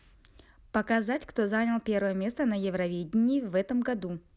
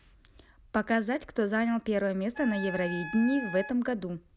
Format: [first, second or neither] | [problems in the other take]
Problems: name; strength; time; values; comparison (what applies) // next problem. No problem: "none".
first | background sound (Wind instrument, woodwind instrument); 10 dB below the speech